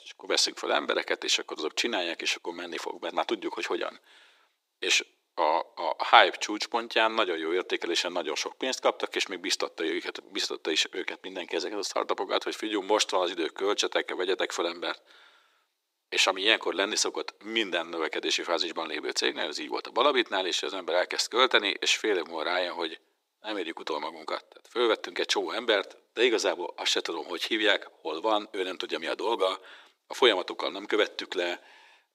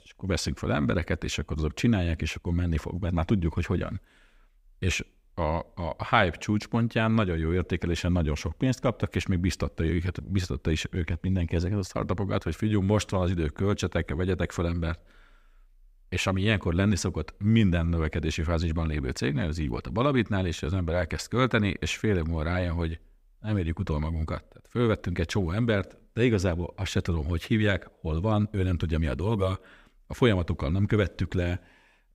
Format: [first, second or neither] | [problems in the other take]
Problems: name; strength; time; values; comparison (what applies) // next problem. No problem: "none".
second | thin; very; fading below 350 Hz